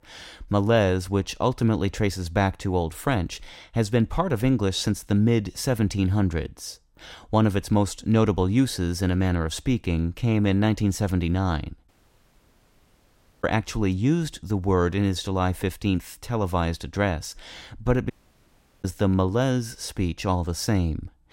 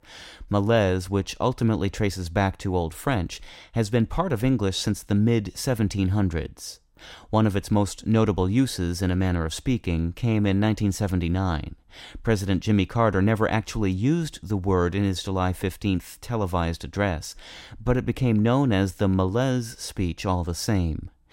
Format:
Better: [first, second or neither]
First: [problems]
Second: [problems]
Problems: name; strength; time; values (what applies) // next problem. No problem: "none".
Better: second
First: audio cutting out; at 12 s for 1.5 s and at 18 s for 0.5 s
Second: none